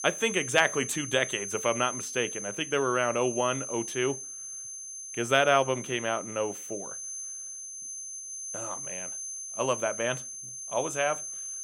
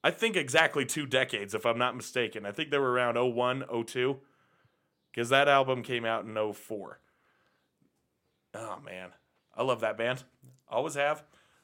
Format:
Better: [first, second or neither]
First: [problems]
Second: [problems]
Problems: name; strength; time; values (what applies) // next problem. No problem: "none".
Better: second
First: high-pitched whine; loud; throughout; 6.5 kHz, 7 dB below the speech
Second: none